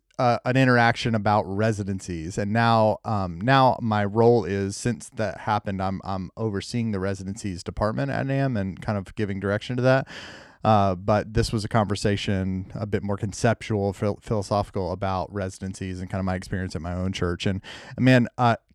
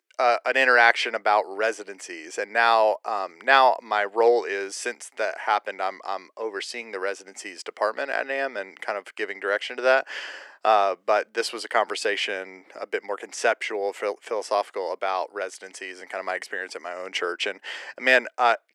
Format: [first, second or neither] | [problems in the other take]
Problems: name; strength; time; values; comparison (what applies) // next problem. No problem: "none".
first | thin; very; fading below 400 Hz